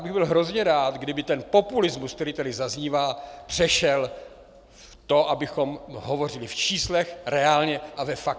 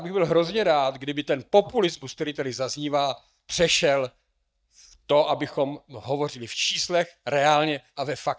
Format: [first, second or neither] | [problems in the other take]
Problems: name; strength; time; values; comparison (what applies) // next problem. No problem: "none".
first | noise reduction (neural mask model DeepFilterNet 3)